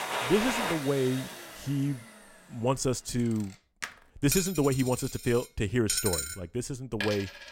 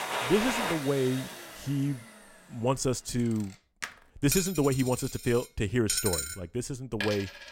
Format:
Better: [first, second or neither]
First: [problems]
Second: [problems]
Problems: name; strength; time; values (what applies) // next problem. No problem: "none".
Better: neither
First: household noises; loud; throughout; 4 dB below the speech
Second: household noises; loud; throughout; 4 dB below the speech